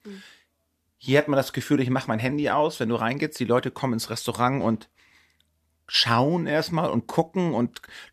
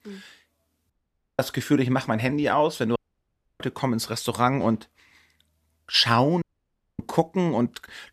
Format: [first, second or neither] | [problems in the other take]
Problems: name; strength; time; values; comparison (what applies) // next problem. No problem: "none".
first | audio cutting out; at 1 s, at 3 s for 0.5 s and at 6.5 s for 0.5 s